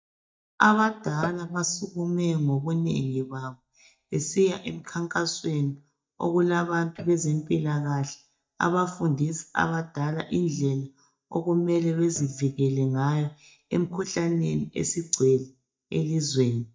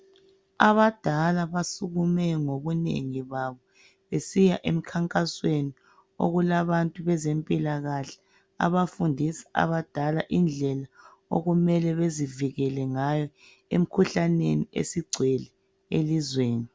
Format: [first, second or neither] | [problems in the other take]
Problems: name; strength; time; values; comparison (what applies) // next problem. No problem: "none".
second | noise reduction (neural mask model DeepFilterNet 3)